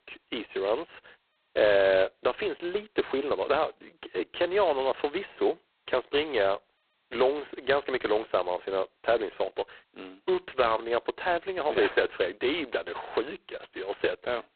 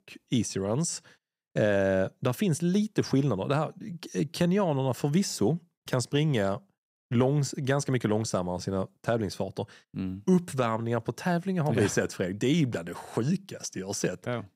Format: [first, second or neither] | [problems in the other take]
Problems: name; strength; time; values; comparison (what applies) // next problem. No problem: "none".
second | phone-call audio; poor line; nothing above 4 kHz